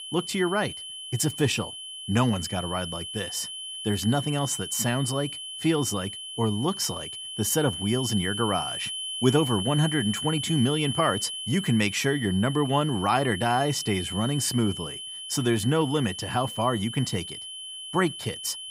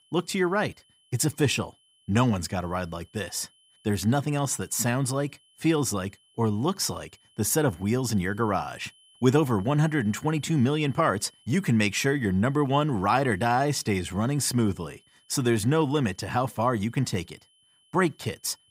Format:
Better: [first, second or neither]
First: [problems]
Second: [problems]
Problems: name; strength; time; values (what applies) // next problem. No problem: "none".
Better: second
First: high-pitched whine; loud; throughout; 3 kHz, 7 dB below the speech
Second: high-pitched whine; faint; throughout; 3 kHz, 35 dB below the speech